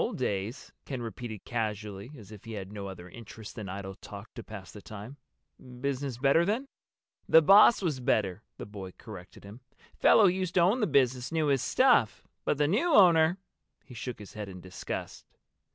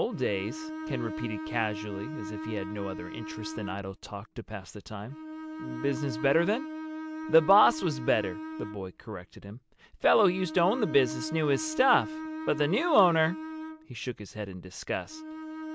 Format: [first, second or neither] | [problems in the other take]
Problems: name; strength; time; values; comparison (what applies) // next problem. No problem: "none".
first | background sound (Bowed string instrument); 9 dB below the speech